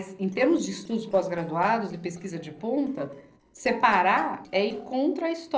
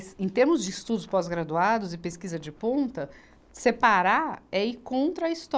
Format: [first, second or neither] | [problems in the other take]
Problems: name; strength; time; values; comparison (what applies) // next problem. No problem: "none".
second | noise reduction (neural separator model SepFormer DNS4)